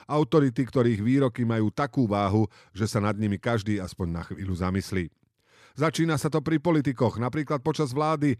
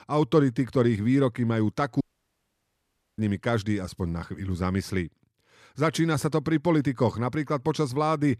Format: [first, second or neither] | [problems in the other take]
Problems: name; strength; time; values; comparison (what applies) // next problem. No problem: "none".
first | audio cutting out; at 2 s for 1 s